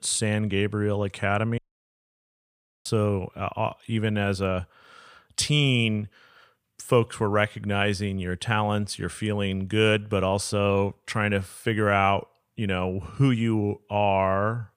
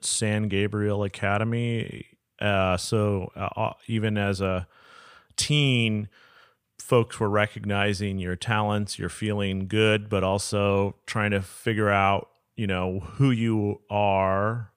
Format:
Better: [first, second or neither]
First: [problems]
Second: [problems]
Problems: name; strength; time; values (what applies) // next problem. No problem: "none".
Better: second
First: audio cutting out; at 1.5 s for 1.5 s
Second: none